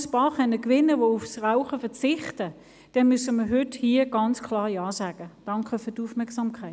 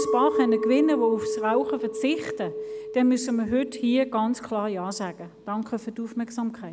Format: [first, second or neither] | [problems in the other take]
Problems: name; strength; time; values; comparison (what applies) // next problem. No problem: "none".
first | background sound (Chink, clink); 5 dB below the speech